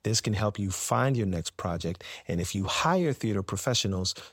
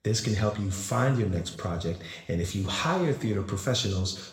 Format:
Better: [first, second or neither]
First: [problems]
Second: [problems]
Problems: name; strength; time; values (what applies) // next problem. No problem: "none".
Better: first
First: none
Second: room echo; slight; dies away in 0.8 s // off-mic speech; somewhat distant